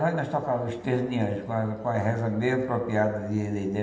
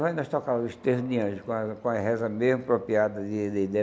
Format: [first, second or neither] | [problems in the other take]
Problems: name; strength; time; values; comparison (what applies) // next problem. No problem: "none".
second | room echo; dies away in 1.6 s